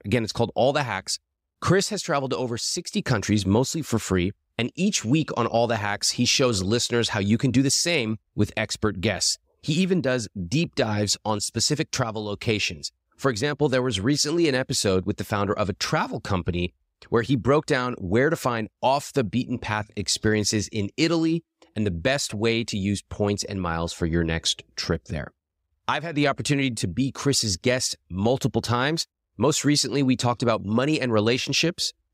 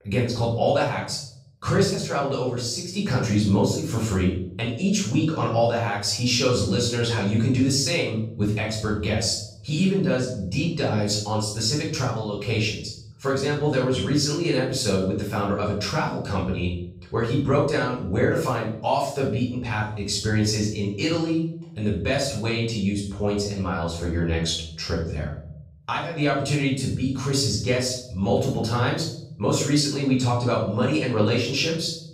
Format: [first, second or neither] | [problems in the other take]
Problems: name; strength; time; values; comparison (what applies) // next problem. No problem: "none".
first | off-mic speech; far // room echo; noticeable; dies away in 0.6 s